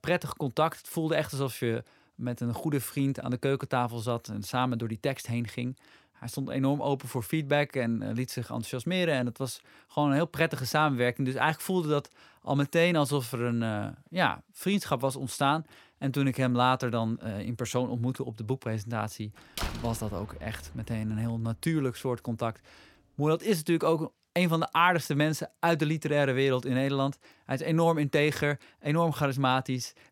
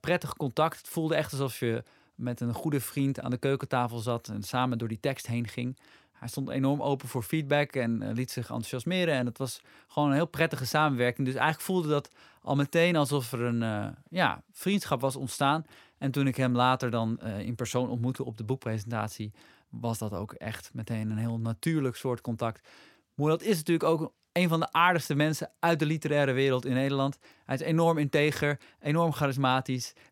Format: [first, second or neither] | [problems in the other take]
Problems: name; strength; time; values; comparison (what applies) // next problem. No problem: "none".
second | door banging; noticeable; from 20 to 21 s; peak 6 dB below the speech